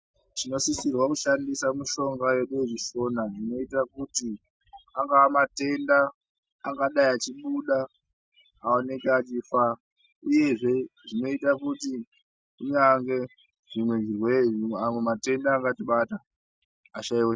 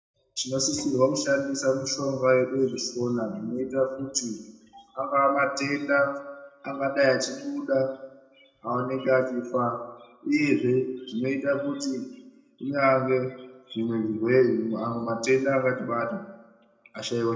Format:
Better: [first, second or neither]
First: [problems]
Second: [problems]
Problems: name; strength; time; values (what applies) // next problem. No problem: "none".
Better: first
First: none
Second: room echo; dies away in 0.8 s